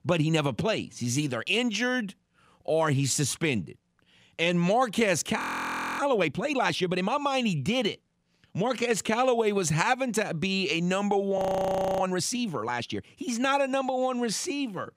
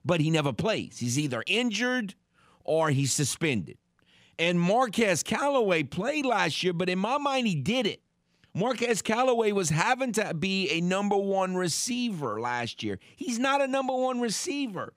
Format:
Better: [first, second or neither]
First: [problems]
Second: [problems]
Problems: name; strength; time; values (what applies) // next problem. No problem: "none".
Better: second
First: audio freezing; at 5.5 s for 0.5 s and at 11 s for 0.5 s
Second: none